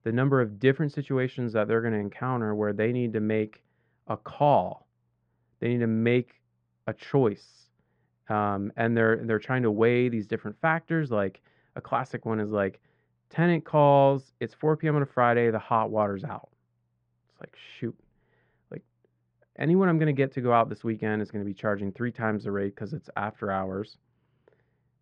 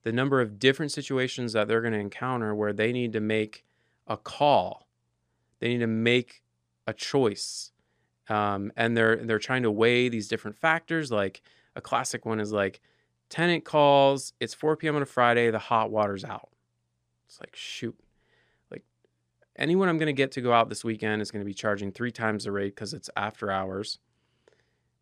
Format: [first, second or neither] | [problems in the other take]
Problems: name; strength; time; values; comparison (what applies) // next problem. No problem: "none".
second | muffled; very; fading above 1.5 kHz